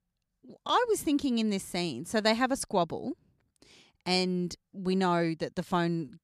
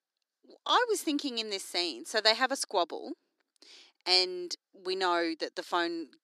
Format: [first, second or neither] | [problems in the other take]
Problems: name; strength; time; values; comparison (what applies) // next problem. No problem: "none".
first | thin; somewhat; fading below 300 Hz